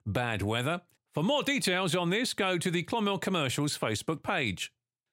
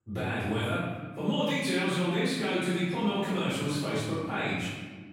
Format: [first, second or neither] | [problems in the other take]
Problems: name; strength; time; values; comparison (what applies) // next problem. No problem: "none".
first | off-mic speech; far // room echo; strong; dies away in 1.4 s